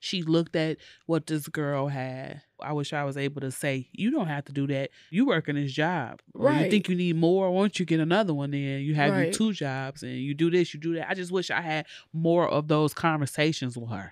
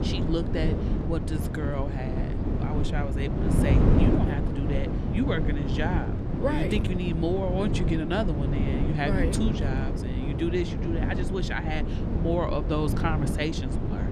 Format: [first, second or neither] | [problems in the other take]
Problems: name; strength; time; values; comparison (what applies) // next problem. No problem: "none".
first | wind noise on the microphone; heavy; 3 dB below the speech